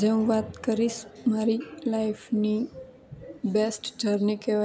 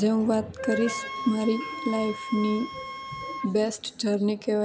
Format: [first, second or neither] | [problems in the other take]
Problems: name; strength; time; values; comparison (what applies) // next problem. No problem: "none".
first | background sound (Wind instrument, woodwind instrument); 10 dB below the speech